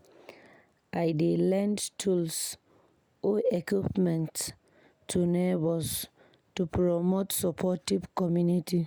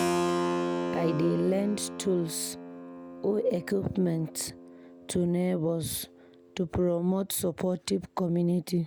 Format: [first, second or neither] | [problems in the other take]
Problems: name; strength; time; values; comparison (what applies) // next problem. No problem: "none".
first | background sound (Keyboard (musical)); 6 dB below the speech